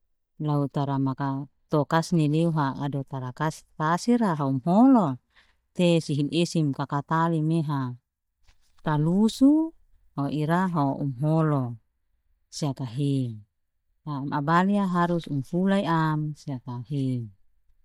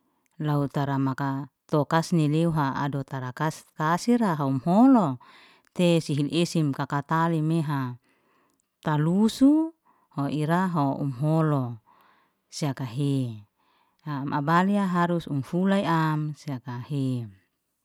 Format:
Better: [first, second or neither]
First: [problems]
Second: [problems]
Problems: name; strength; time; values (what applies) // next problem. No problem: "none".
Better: second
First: noise reduction (neural mask model DeepFilterNet 3)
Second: none